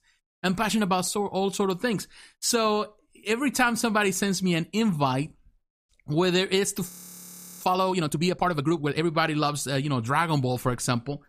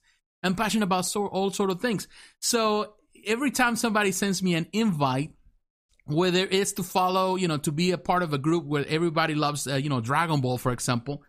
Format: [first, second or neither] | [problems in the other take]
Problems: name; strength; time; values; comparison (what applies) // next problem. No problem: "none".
second | audio freezing; at 7 s for 0.5 s